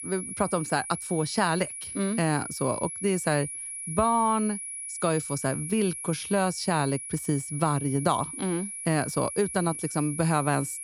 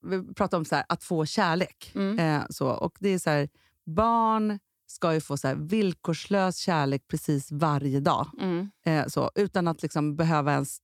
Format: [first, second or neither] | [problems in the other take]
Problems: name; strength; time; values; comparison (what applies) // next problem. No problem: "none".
second | high-pitched whine; loud; throughout; 10.5 kHz, 7 dB below the speech